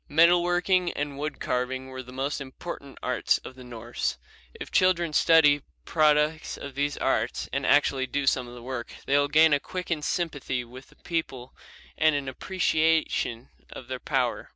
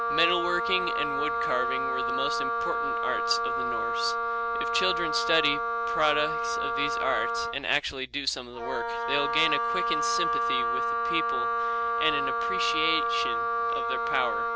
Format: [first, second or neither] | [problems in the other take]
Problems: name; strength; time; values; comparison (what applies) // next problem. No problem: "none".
first | background sound (Wind instrument, woodwind instrument); 3 dB above the speech